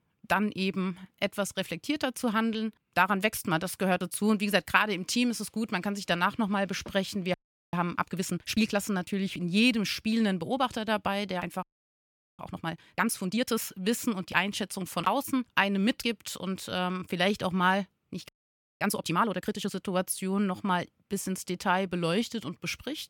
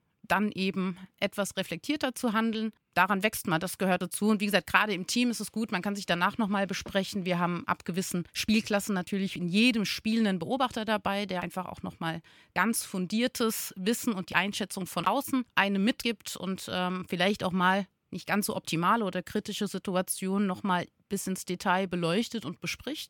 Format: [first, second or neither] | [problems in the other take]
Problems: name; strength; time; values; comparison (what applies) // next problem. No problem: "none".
second | audio freezing; at 7.5 s, at 12 s for 1 s and at 18 s for 0.5 s